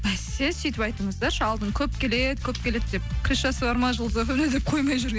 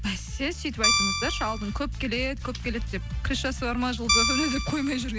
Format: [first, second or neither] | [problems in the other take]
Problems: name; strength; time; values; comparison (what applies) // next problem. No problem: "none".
first | background sound (Guitar); 2 dB above the speech